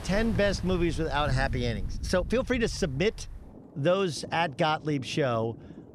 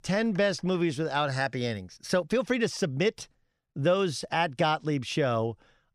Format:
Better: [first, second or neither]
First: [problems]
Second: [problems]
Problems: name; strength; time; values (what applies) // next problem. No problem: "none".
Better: second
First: rain or running water; noticeable; throughout; 10 dB below the speech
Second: none